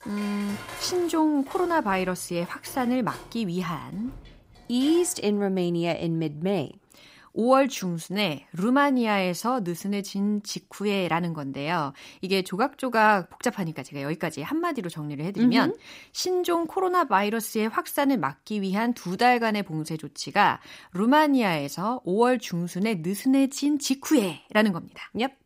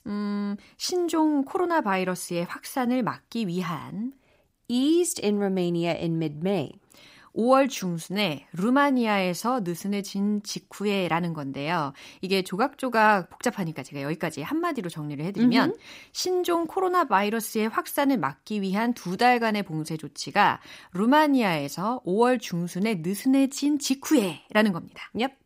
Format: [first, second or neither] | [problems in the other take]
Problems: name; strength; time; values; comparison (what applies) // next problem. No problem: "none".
second | clattering dishes; faint; until 5 s; peak 10 dB below the speech